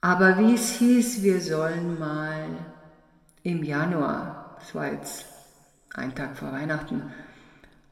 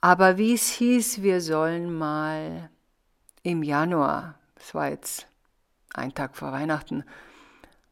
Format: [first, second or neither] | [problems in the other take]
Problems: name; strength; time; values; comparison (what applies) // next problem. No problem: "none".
second | room echo; noticeable; dies away in 1.5 s // off-mic speech; somewhat distant